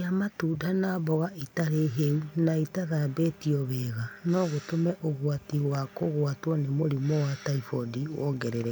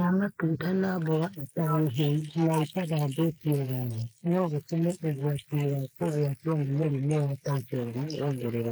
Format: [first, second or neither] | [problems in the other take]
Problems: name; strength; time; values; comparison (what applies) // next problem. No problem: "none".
first | noise reduction (neural mask model Resemble Enhance denoiser)